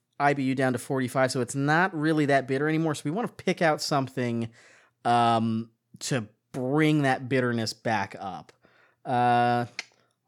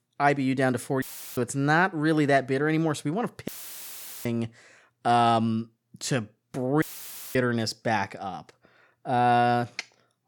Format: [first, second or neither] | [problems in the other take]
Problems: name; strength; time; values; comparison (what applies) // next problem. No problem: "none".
first | audio cutting out; filled with static; at 1 s, at 3.5 s for 1 s and at 7 s for 0.5 s